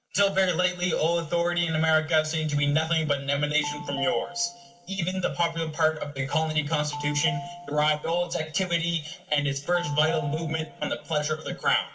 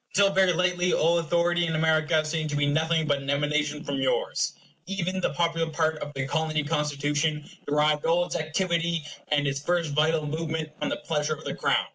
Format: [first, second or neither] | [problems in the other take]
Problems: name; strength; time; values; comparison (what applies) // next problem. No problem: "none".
second | background sound (Telephone); 14 dB below the speech // room echo; dies away in 1.4 s